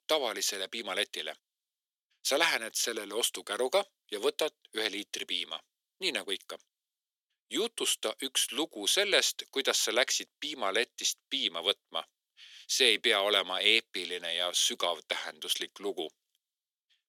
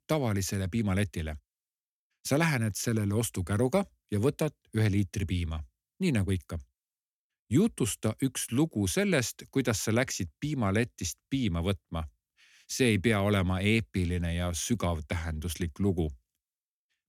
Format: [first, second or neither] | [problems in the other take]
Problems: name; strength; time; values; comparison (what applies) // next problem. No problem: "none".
second | thin; very; fading below 400 Hz